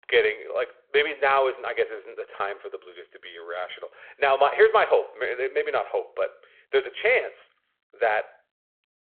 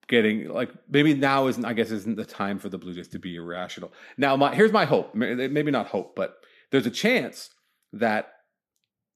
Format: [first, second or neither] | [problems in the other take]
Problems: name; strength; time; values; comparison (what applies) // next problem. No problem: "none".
second | phone-call audio